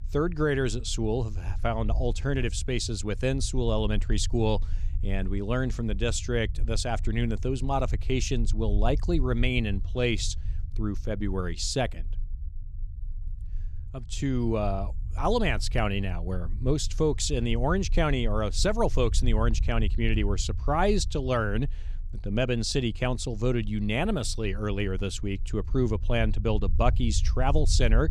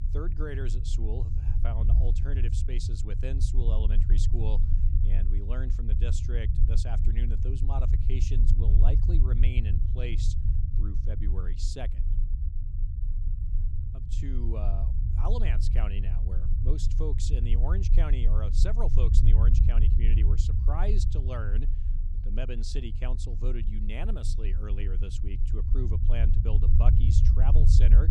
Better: first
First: low rumble; faint; throughout; 25 dB below the speech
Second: low rumble; loud; throughout; 4 dB below the speech

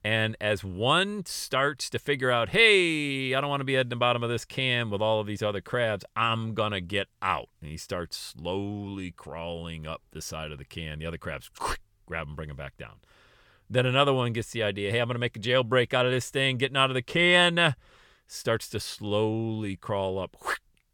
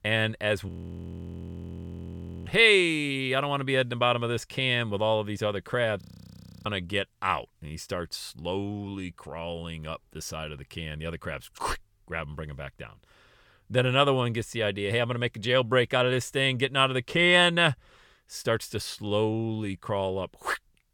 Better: first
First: none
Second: audio freezing; at 0.5 s for 2 s and at 6 s for 0.5 s

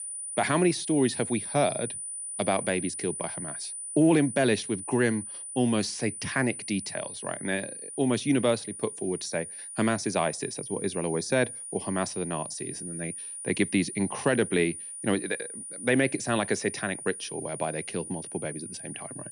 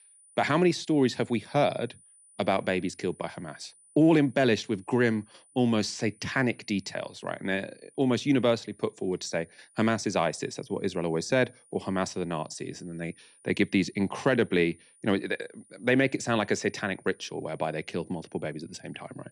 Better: second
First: high-pitched whine; loud; throughout; 9.5 kHz, 7 dB below the speech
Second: high-pitched whine; faint; throughout; 9.5 kHz, 30 dB below the speech

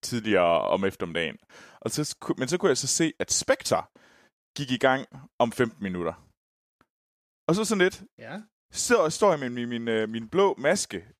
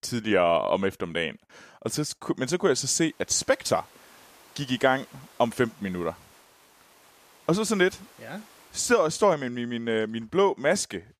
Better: first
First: none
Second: hiss; faint; from 3 to 9 s; 25 dB below the speech

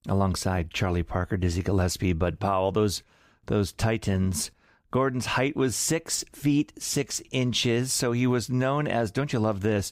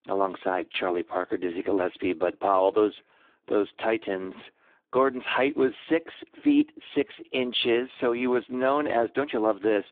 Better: first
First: none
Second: phone-call audio; poor line

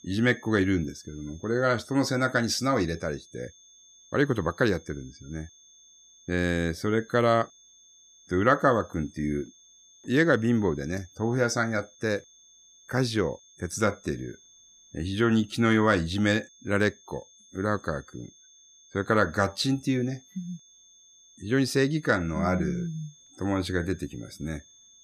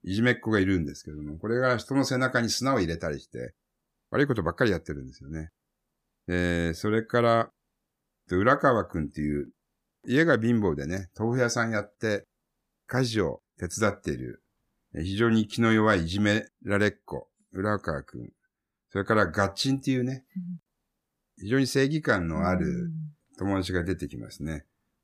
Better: second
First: high-pitched whine; faint; throughout; 6.5 kHz, 25 dB below the speech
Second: none

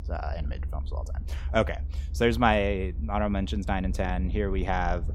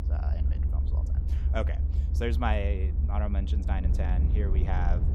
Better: first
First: low rumble; faint; throughout; 25 dB below the speech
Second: low rumble; loud; throughout; 9 dB below the speech

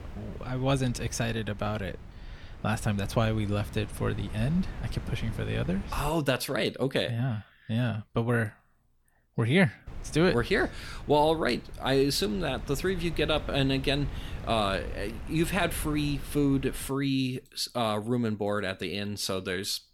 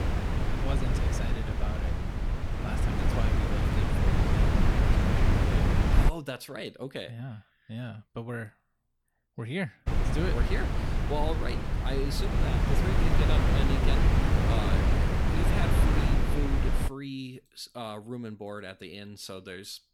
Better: first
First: wind noise on the microphone; occasional gusts; until 6 s and from 10 to 17 s; 20 dB below the speech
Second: wind noise on the microphone; heavy; until 6 s and from 10 to 17 s; 5 dB above the speech

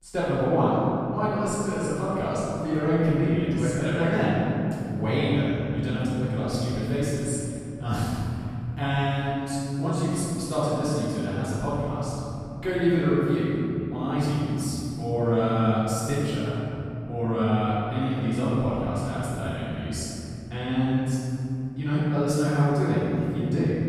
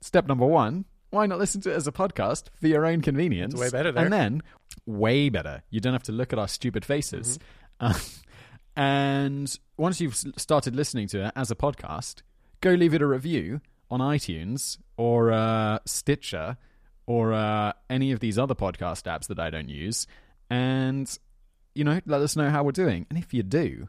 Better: second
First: room echo; strong; dies away in 3 s // off-mic speech; far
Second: none

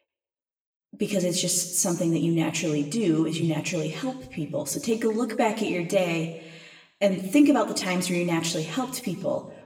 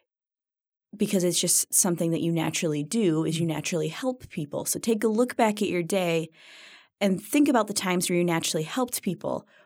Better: second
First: room echo; slight; dies away in 0.9 s // off-mic speech; somewhat distant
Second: none

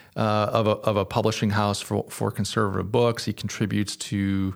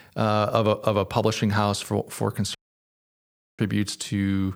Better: first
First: none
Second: audio cutting out; at 2.5 s for 1 s

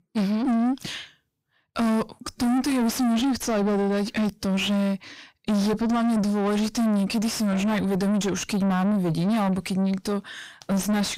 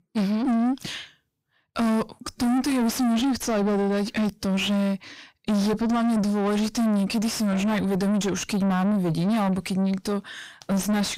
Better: neither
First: distortion; heavy; 6 dB below the speech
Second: distortion; heavy; 6 dB below the speech

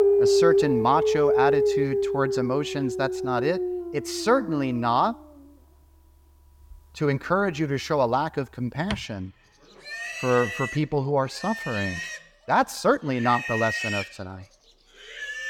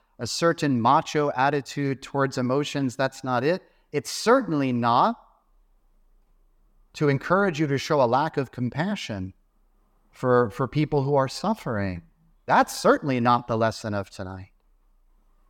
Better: second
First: animal sounds; loud; throughout; 1 dB below the speech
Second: none

